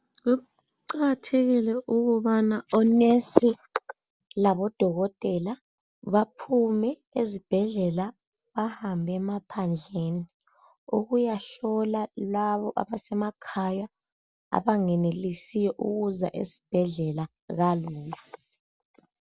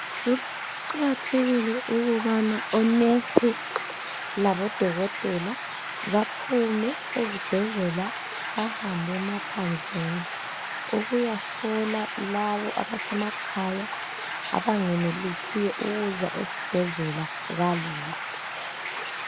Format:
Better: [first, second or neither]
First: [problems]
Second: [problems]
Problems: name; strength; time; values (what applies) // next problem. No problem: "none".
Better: first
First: none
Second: background sound (Stream); 6 dB below the speech